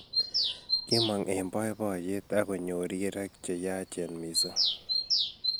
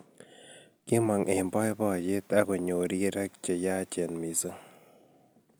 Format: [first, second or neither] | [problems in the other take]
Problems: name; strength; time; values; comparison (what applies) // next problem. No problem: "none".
second | background sound (Bird vocalization, bird call, bird song); as loud as the speech